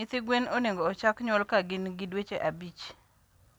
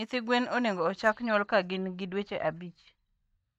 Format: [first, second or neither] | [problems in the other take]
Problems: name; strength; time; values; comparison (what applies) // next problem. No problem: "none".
first | noise reduction (neural mask model DeepFilterNet 3)